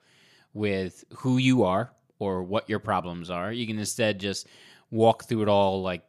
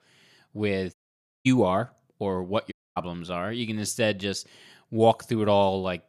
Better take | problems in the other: first | audio cutting out; at 1 s for 0.5 s and at 2.5 s

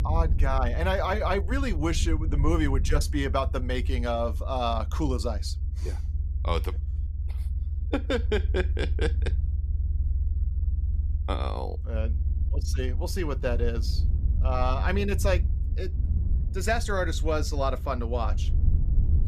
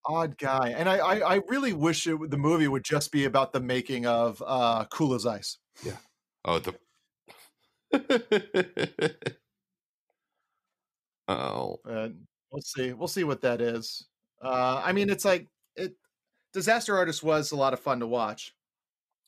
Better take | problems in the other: second | low rumble; noticeable; throughout; 15 dB below the speech

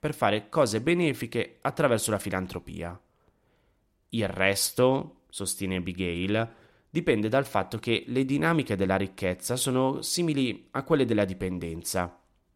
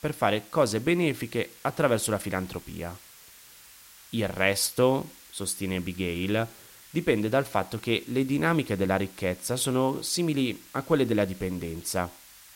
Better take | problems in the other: first | hiss; faint; throughout; 20 dB below the speech

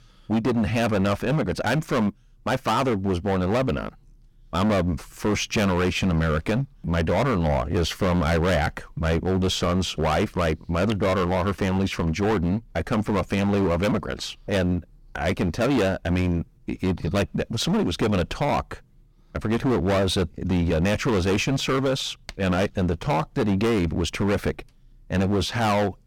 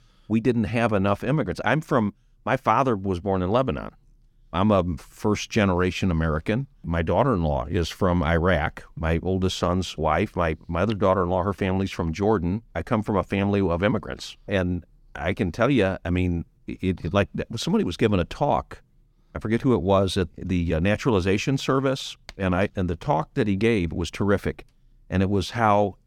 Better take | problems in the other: second | distortion; heavy; 19% of the sound clipped

